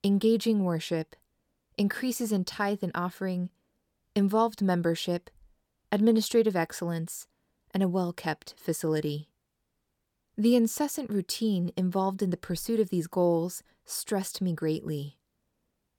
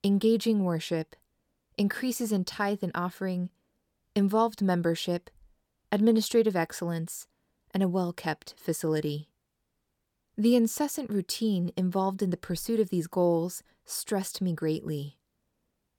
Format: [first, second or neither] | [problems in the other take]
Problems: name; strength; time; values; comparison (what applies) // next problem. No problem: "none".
neither | none